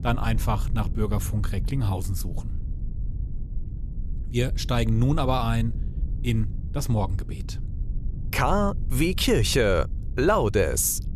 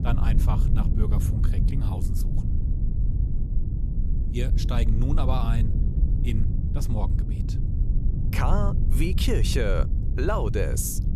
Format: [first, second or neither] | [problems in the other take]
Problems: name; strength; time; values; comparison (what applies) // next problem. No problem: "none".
first | low rumble; loud; throughout; 8 dB below the speech; faint in the first